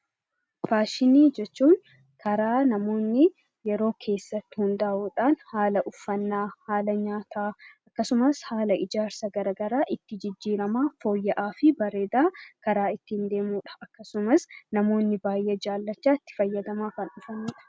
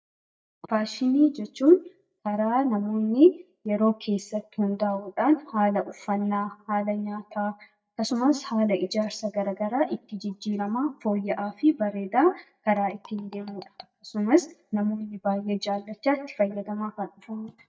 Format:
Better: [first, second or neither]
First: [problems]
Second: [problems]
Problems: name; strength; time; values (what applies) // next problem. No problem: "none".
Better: first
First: none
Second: noise reduction (neural mask model DeepFilterNet 3)